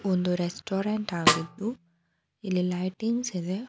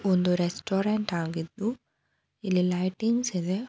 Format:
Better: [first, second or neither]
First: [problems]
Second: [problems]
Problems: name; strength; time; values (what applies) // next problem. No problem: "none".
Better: second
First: background sound (Snare drum); as loud as the speech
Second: none